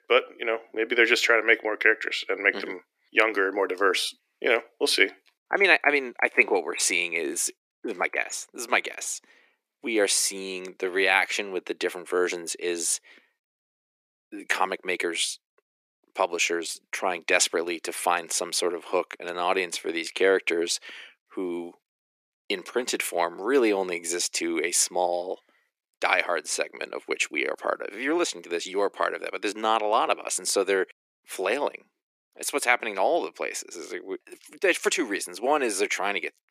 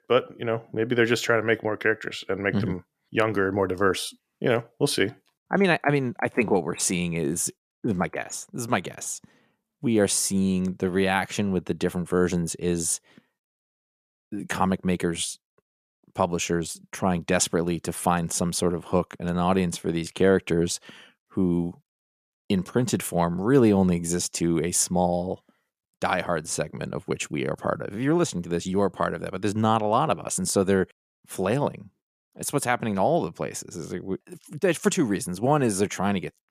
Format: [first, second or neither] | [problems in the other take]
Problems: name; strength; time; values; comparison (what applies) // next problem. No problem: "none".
second | thin; very; fading below 300 Hz